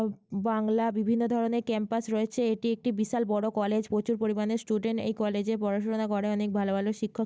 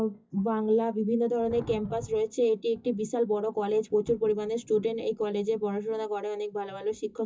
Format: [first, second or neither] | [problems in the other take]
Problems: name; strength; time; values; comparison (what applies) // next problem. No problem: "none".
first | noise reduction (classical method WPE with log-MMSE)